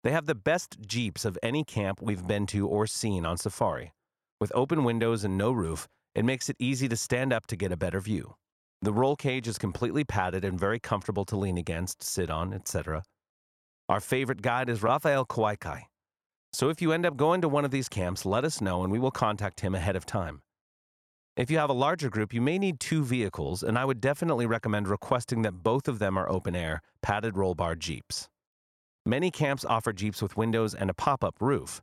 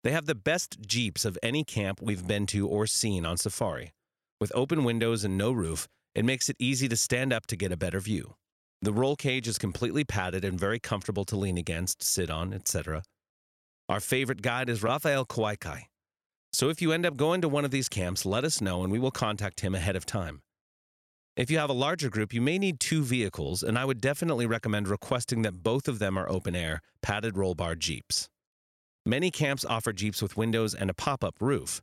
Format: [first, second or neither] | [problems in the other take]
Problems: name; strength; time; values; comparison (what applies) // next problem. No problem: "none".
second | muffled; slightly; fading above 2 kHz